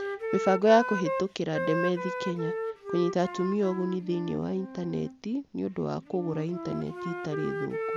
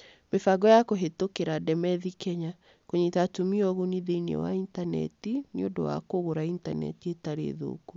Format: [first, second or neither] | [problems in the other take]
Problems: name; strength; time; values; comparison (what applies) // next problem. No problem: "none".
second | background sound (Wind instrument, woodwind instrument); 6 dB below the speech